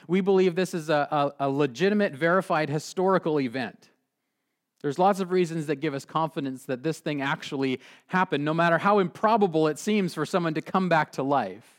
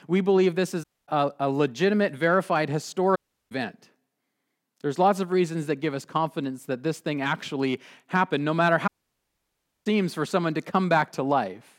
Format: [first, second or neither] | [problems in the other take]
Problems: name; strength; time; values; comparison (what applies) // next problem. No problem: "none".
first | audio cutting out; at 1 s, at 3 s and at 9 s for 1 s